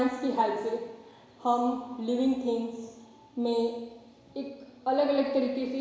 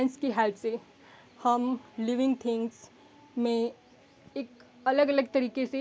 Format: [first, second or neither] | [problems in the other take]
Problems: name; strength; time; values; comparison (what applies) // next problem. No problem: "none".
second | room echo; dies away in 1 s